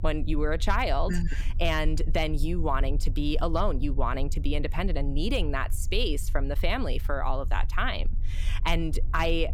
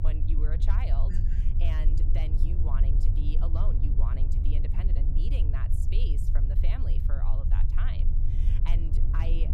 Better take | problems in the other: first | low rumble; loud; throughout; 2 dB below the speech; faint in the first

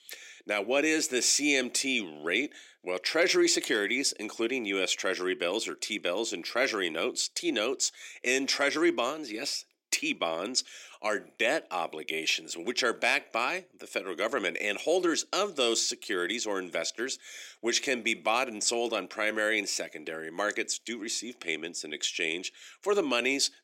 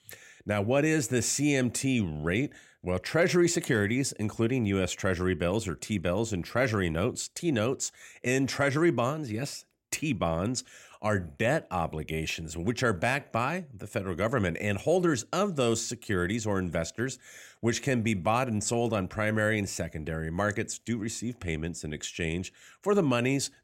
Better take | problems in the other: second | thin; somewhat; fading below 300 Hz

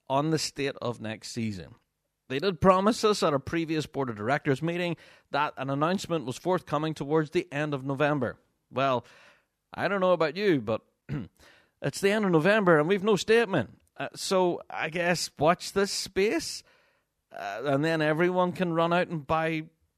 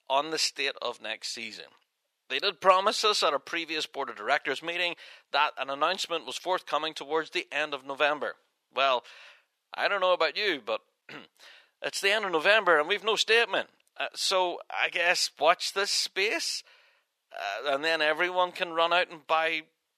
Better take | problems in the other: first | thin; very; fading below 650 Hz

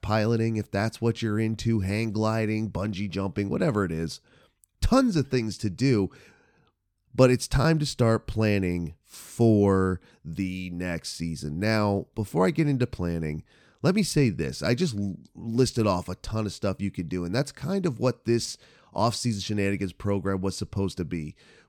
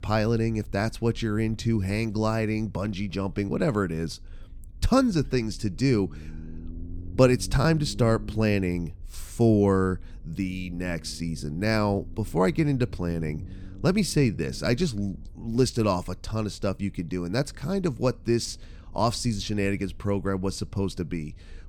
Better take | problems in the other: first | low rumble; faint; throughout; 25 dB below the speech

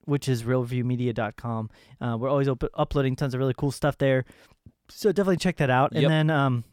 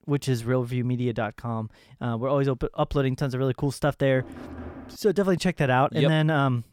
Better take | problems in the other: first | door banging; faint; at 4 s; peak 15 dB below the speech

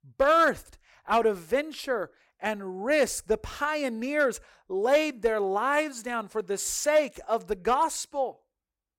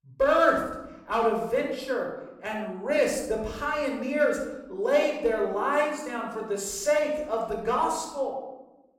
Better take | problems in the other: first | off-mic speech; somewhat distant // room echo; noticeable; dies away in 0.8 s

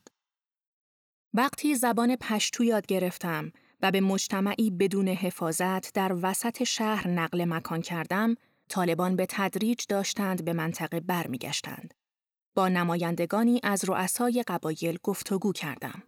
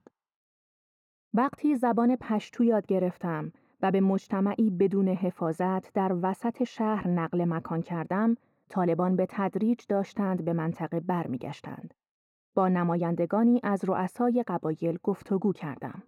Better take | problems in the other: first | muffled; very; fading above 2.5 kHz

